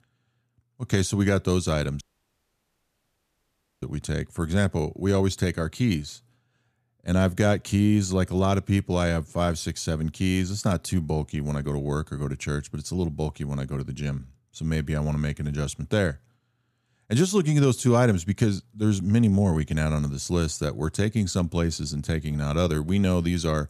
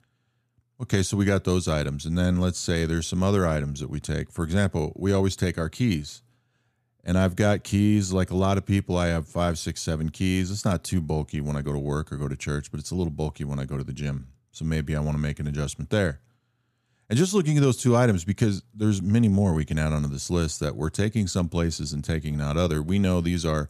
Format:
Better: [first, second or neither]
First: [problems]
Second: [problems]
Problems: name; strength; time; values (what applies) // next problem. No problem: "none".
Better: second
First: audio cutting out; at 2 s for 2 s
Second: none